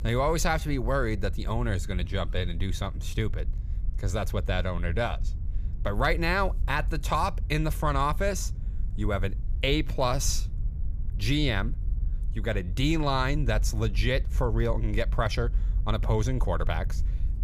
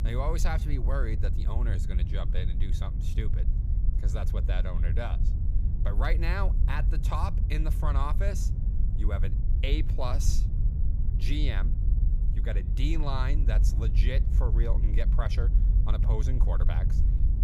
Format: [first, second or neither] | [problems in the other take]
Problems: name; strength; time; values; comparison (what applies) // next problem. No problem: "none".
first | low rumble; loud; throughout; 8 dB below the speech; faint in the first